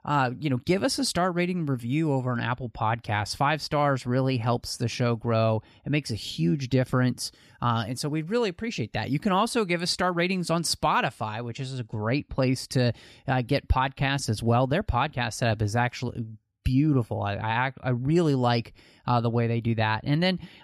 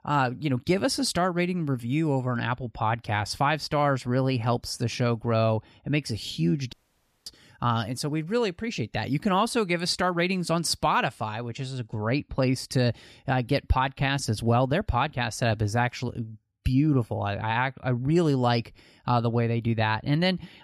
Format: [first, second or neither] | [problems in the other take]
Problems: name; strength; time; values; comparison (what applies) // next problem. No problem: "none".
first | audio cutting out; at 6.5 s for 0.5 s